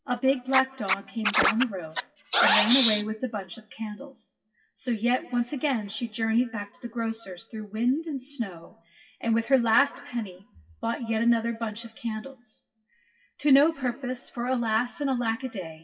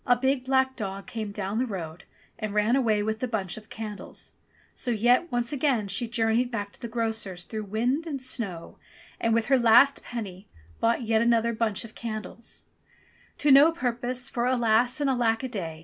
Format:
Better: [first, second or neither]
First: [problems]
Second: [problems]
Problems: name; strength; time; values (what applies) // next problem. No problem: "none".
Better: second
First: noise reduction (classical method WPE with log-MMSE)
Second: none